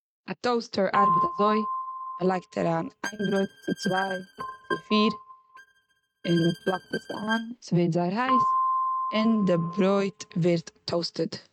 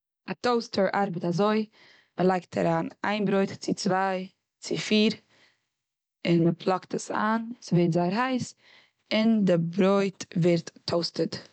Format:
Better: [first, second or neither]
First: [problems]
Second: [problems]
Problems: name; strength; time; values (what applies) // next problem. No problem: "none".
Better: second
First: noise reduction (neural mask model RNNoise)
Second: none